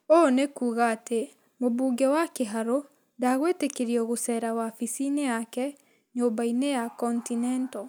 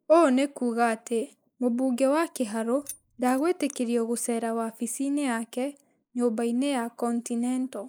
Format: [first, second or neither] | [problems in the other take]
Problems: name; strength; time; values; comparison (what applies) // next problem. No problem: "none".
first | noise reduction (neural mask model Resemble Enhance denoiser)